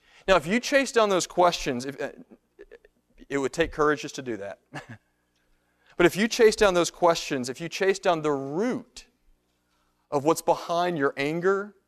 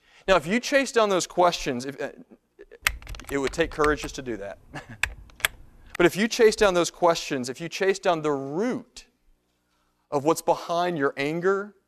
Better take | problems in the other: first | keyboard typing; noticeable; from 3 to 6 s; peak 3 dB below the speech

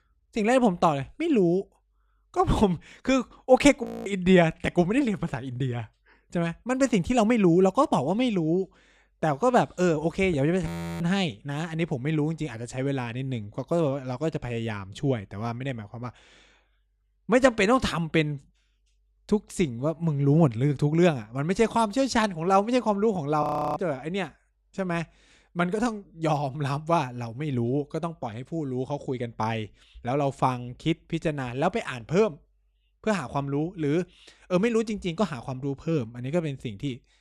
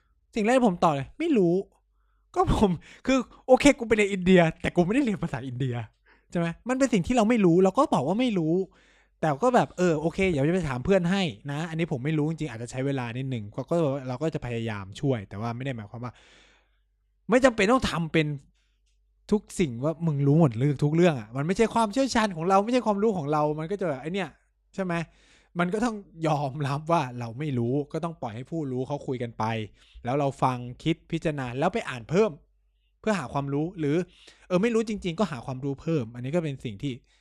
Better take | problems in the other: second | audio freezing; at 4 s, at 11 s and at 23 s

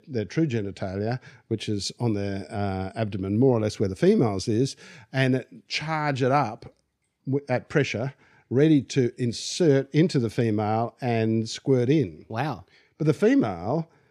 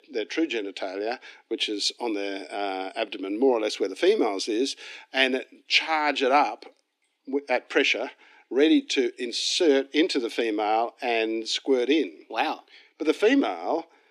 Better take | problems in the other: first | thin; somewhat; fading below 300 Hz

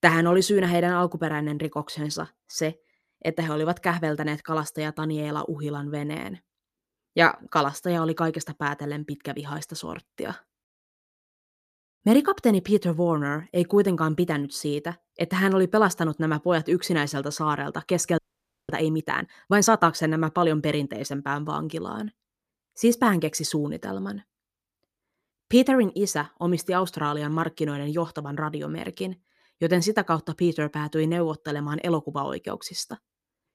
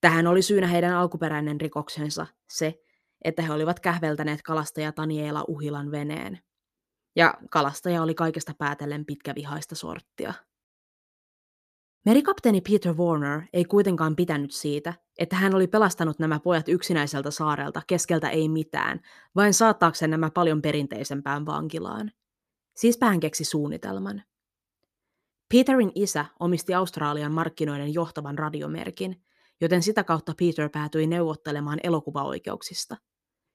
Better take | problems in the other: second | audio freezing; at 18 s for 0.5 s

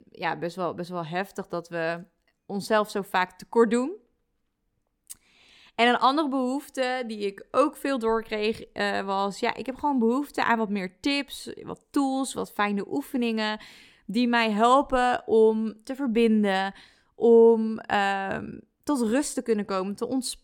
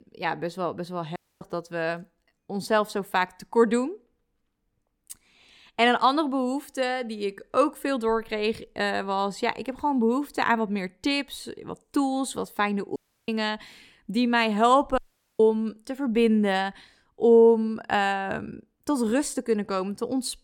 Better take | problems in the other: first | audio cutting out; at 1 s, at 13 s and at 15 s

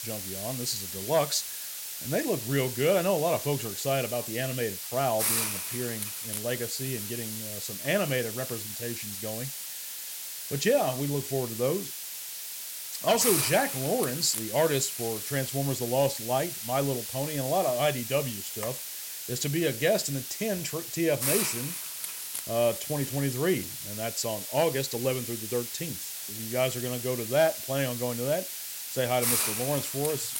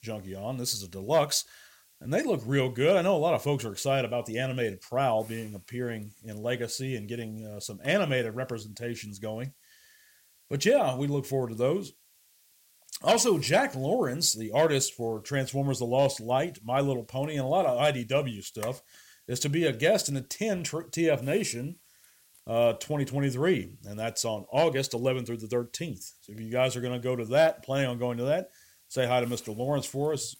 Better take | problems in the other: second | hiss; loud; throughout; 3 dB below the speech; faint in the second

